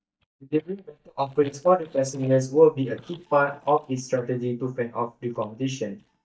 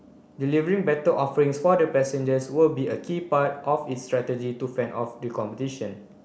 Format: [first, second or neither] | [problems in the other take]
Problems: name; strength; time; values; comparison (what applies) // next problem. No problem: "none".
second | noise reduction (neural mask model DeepFilterNet 3)